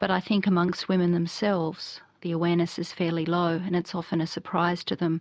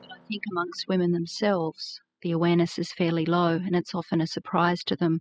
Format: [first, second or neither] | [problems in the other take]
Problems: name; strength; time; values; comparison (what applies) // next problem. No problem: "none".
first | noise reduction (classical method spectral subtraction)